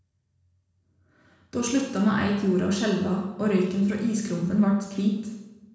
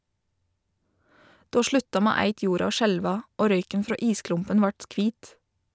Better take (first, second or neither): second